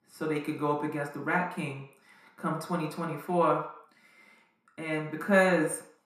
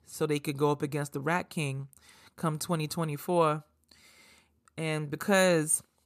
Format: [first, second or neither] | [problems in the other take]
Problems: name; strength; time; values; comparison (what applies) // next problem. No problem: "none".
second | room echo; slight; dies away in 0.6 s // off-mic speech; somewhat distant